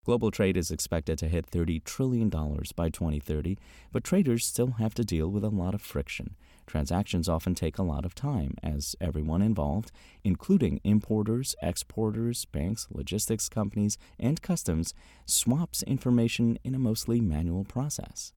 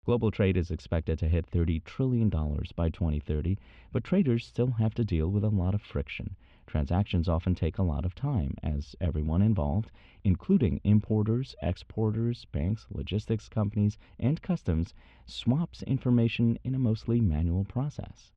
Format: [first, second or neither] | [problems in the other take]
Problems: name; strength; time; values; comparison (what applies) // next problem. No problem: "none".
first | muffled; very; fading above 3.5 kHz